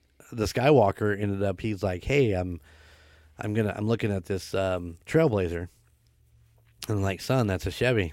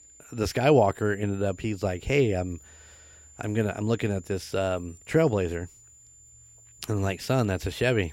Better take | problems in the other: first | high-pitched whine; faint; throughout; 7 kHz, 25 dB below the speech

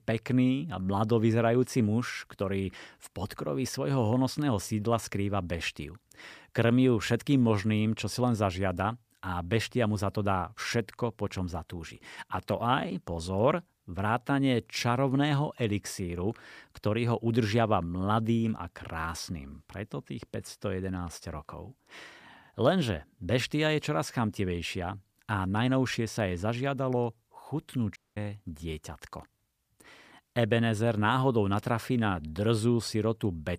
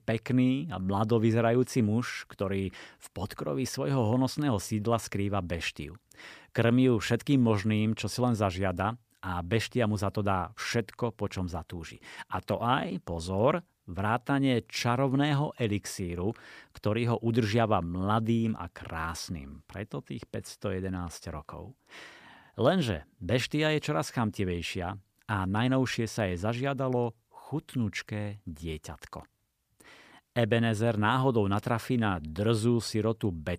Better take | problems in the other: second | audio cutting out; at 28 s

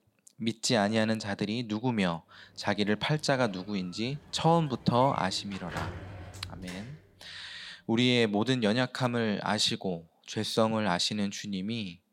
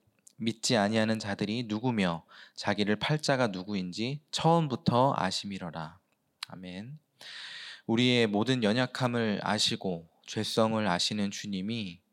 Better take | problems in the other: second | door banging; noticeable; from 2.5 to 7 s; peak 10 dB below the speech

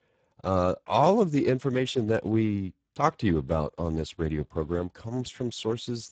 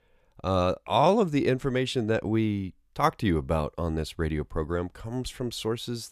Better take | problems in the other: second | garbled, watery; badly; nothing above 7.5 kHz

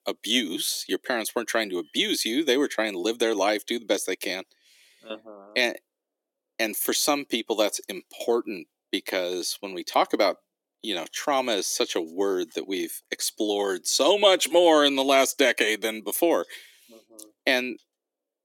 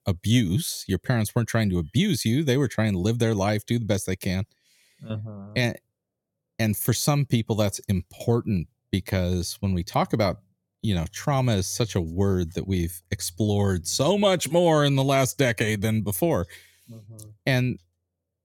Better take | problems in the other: second | thin; somewhat; fading below 300 Hz

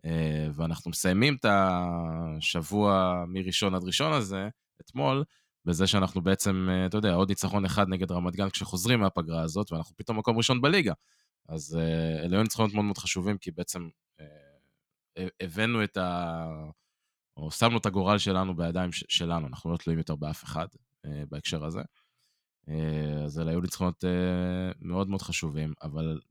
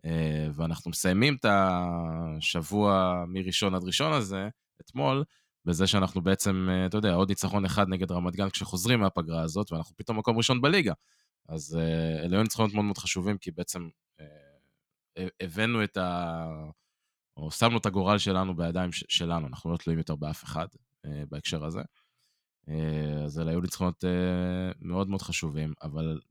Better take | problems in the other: neither | none

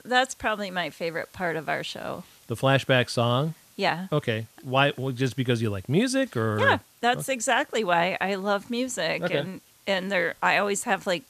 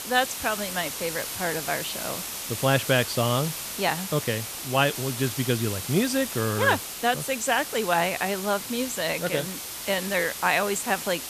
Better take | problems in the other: first | hiss; loud; throughout; 6 dB below the speech; faint in the first

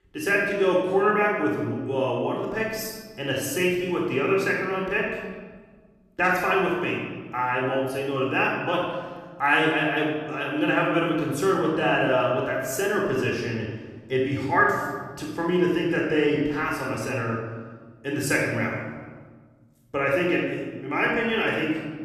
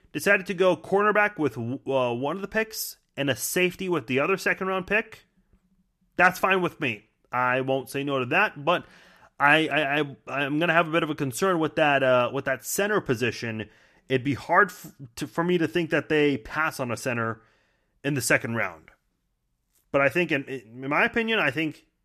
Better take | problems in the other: second | off-mic speech; somewhat distant // room echo; noticeable; dies away in 1.4 s

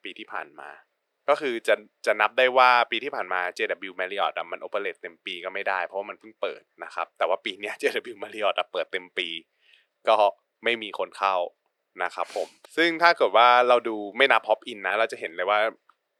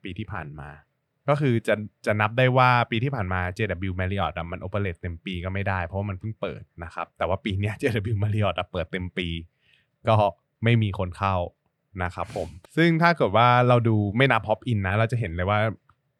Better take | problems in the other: second | thin; very; fading below 400 Hz

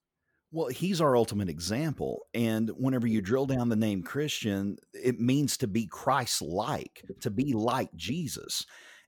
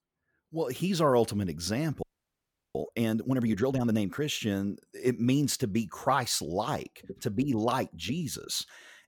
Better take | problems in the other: first | audio freezing; at 2 s for 0.5 s

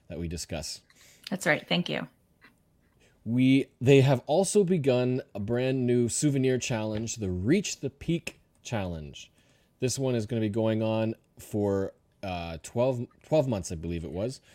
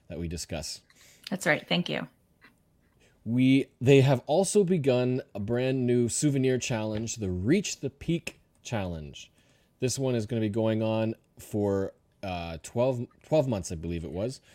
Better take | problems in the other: neither | none

